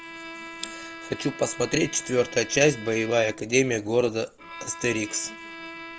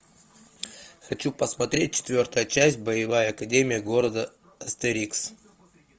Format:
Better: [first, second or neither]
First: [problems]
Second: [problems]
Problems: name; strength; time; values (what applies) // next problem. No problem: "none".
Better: second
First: background sound (Bowed string instrument); 14 dB below the speech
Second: none